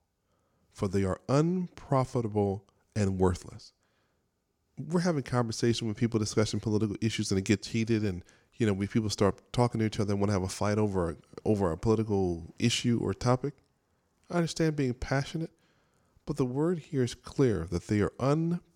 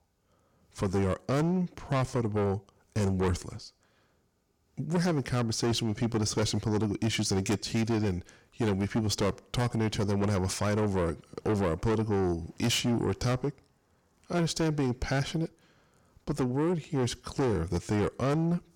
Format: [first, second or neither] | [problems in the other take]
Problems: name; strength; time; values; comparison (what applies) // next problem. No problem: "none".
first | distortion; heavy; 7 dB below the speech